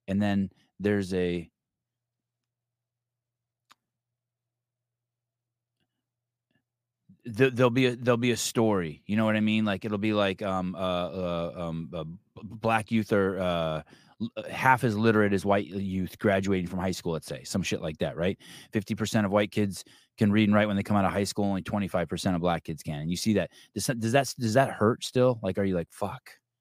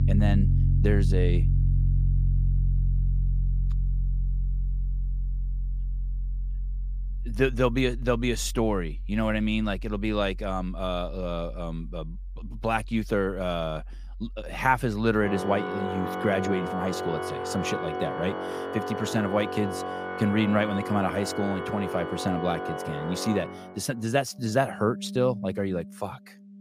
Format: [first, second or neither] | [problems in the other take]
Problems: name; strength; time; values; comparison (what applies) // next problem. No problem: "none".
first | background music; loud; throughout; 2 dB below the speech